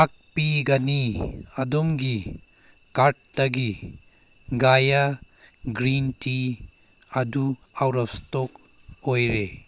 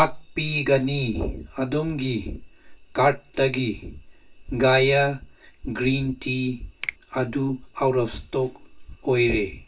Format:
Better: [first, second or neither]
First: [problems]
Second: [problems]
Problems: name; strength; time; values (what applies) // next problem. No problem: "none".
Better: first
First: none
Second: background sound (Finger snapping); 15 dB below the speech // room echo; dies away in 0.2 s